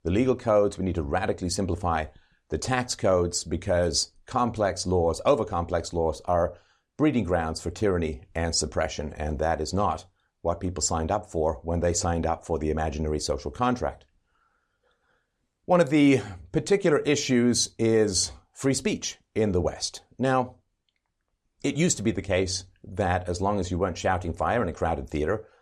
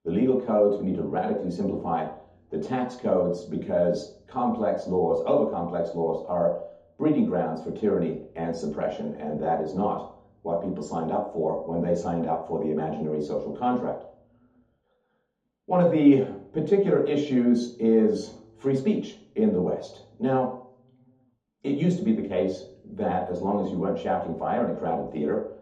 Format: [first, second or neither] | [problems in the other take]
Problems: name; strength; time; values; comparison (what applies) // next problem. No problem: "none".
first | room echo; noticeable; dies away in 0.6 s // off-mic speech; far